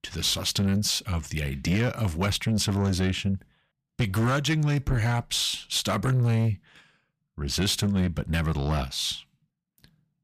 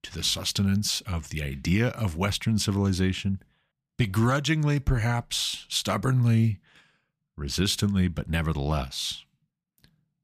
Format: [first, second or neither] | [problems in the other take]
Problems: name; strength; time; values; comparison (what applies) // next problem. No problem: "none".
second | distortion; slight; 10 dB below the speech